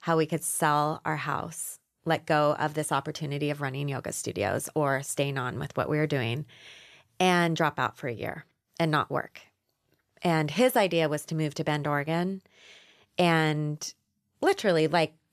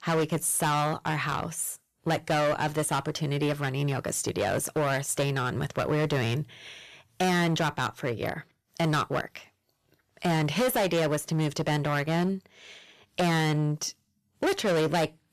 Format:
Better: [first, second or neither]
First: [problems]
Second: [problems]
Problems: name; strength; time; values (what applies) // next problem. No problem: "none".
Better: first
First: none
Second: distortion; heavy; 12% of the sound clipped